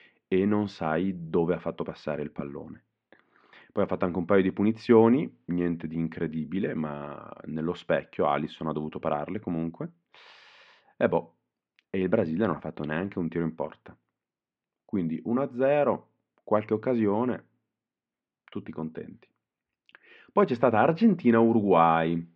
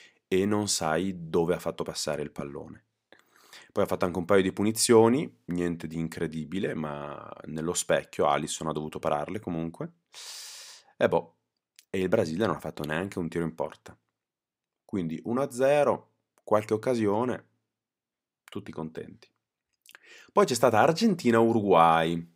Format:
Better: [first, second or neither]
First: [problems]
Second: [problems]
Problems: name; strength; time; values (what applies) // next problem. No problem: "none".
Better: second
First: muffled; very; fading above 3 kHz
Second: none